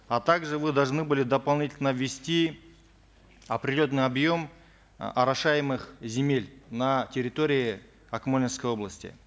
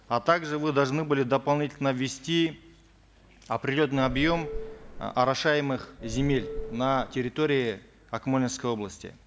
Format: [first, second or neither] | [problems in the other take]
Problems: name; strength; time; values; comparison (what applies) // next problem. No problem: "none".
first | background sound (Subway, metro, underground / Doorbell); 9 dB below the speech